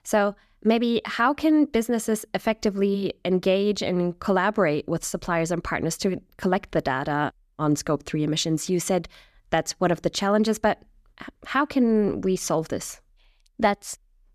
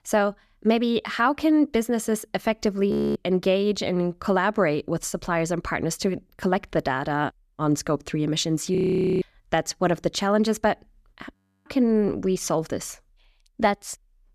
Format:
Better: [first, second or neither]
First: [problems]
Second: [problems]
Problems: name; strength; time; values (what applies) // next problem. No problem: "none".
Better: first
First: none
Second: audio freezing; at 3 s, at 9 s and at 11 s